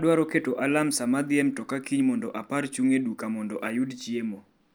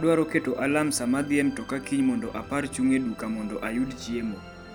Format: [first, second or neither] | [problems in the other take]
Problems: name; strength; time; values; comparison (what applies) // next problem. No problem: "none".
first | background sound (Musical instrument); 16 dB below the speech